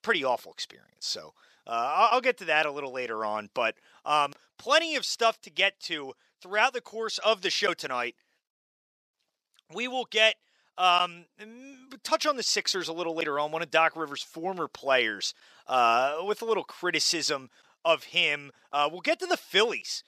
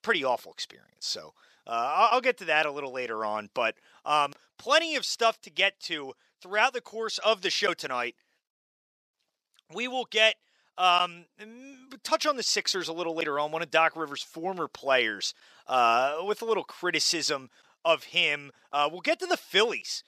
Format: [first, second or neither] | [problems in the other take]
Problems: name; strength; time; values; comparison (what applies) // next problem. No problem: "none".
neither | thin; somewhat; fading below 450 Hz; the same in both